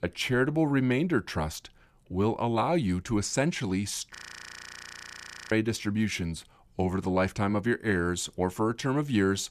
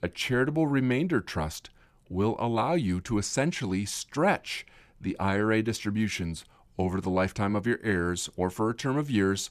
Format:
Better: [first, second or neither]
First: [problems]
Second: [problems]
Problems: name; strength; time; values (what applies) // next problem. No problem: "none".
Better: second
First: audio freezing; at 4 s for 1.5 s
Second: none